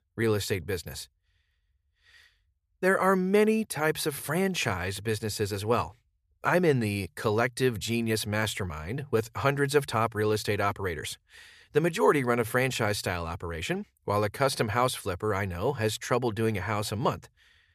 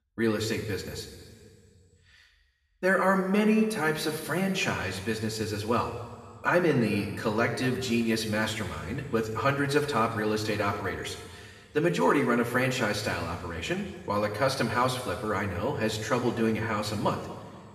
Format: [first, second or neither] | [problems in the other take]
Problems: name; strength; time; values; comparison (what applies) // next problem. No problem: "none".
first | room echo; noticeable; dies away in 2.2 s // off-mic speech; far